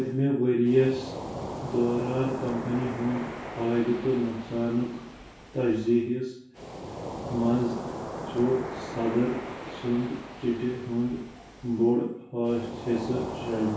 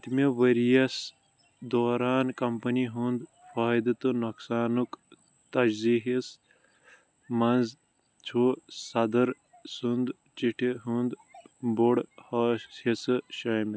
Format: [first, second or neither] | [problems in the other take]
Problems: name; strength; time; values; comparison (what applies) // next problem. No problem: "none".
second | background sound (Waves, surf); 10 dB below the speech // room echo; dies away in 0.6 s